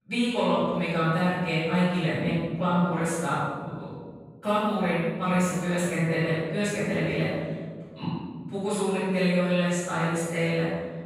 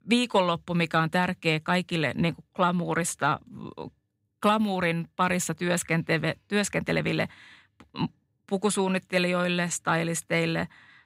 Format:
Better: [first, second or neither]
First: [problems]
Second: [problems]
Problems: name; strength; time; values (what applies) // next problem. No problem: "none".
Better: second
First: room echo; strong; dies away in 1.7 s // off-mic speech; far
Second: none